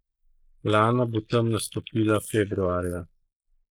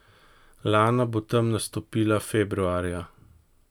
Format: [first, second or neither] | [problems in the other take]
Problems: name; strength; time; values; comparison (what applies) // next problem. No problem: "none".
second | noise reduction (neural mask model Resemble Enhance denoiser)